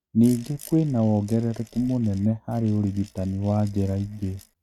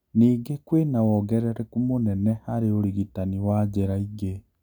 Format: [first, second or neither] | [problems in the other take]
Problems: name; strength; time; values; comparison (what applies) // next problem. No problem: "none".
second | noise reduction (neural mask model RNNoise)